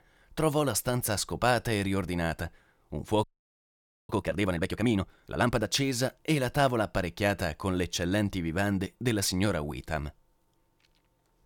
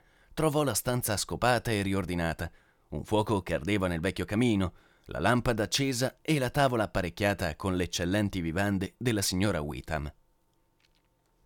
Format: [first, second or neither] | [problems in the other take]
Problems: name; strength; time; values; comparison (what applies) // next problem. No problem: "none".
second | audio freezing; at 3 s for 1 s